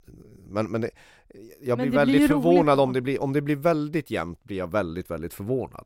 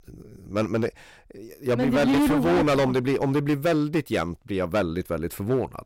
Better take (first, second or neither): first